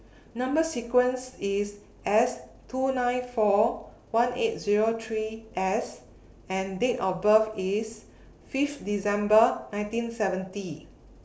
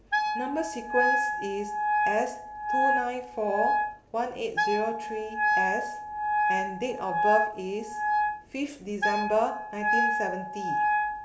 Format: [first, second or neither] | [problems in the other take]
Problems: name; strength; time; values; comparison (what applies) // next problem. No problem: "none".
first | background sound (Wind instrument, woodwind instrument); 4 dB above the speech